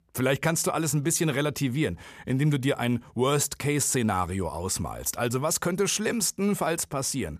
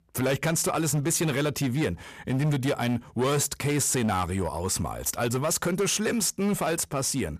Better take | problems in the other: first | distortion; slight; 13% of the sound clipped

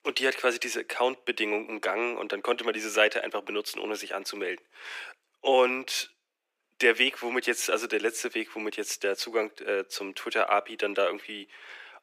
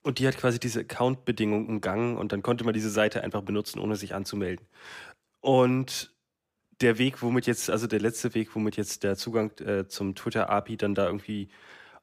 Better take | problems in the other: second | thin; very; fading below 350 Hz

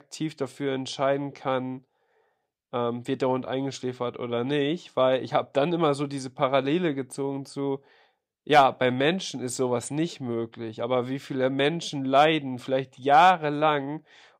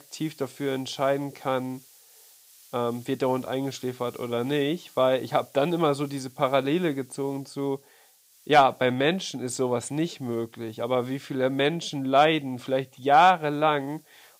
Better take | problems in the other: first | hiss; faint; throughout; 25 dB below the speech

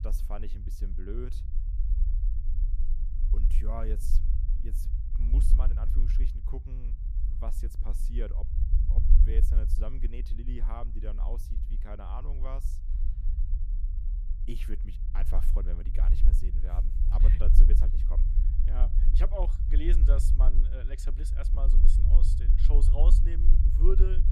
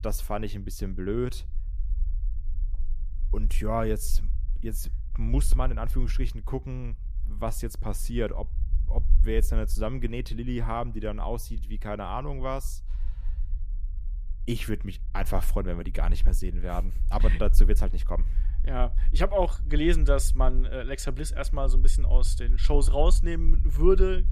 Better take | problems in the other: second | low rumble; loud; throughout; 6 dB below the speech; faint in the second

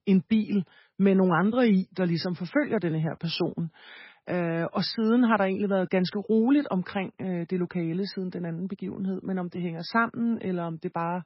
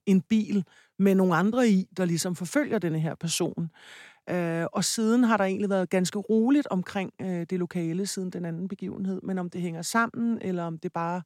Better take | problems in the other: second | garbled, watery; badly; nothing above 5.5 kHz

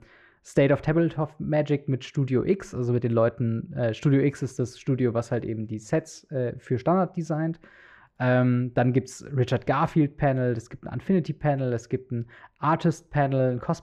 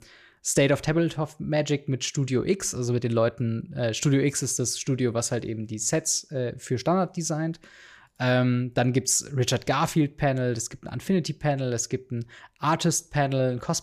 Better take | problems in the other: second | muffled; very; fading above 3.5 kHz

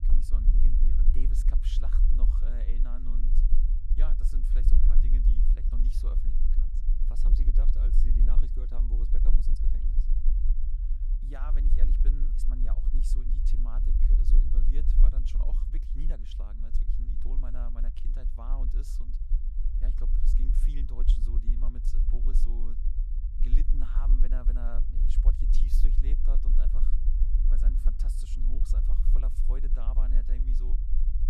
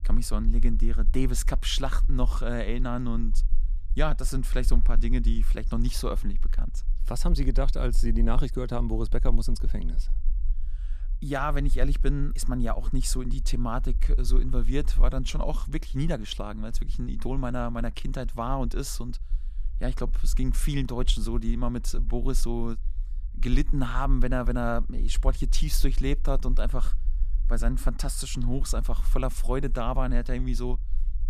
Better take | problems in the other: second | low rumble; loud; throughout; 2 dB below the speech; faint in the second

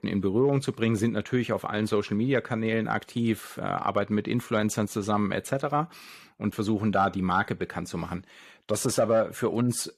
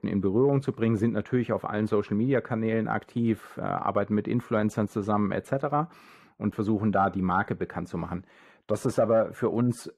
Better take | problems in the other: first | muffled; slightly; fading above 2 kHz

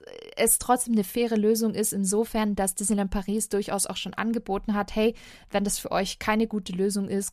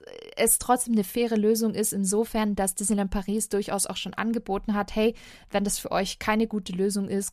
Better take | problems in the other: neither | none

